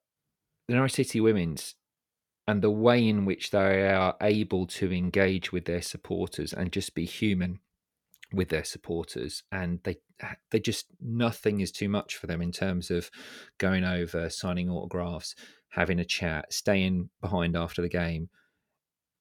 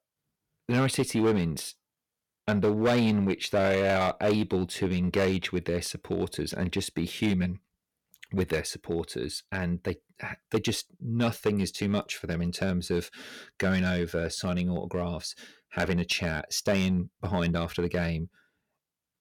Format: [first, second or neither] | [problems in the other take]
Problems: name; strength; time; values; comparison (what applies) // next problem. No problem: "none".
first | distortion; slight; 4% of the sound clipped